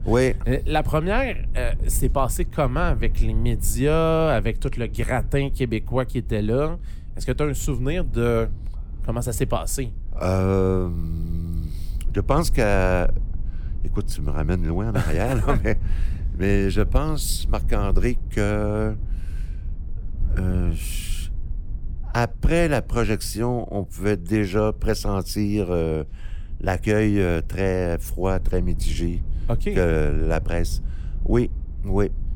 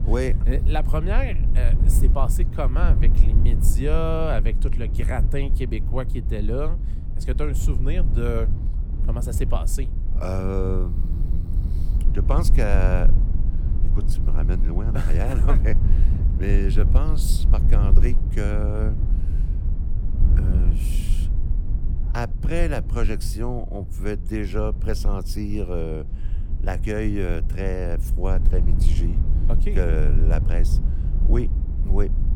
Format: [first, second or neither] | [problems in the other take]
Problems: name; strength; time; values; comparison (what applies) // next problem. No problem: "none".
first | low rumble; loud; throughout; 9 dB below the speech; faint in the first